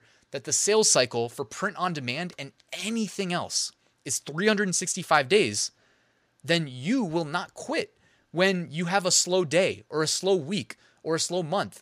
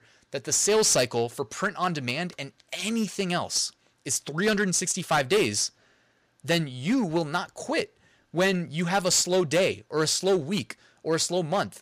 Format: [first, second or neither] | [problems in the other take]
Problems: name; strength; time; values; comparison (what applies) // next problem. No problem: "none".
first | distortion; slight; 5% of the sound clipped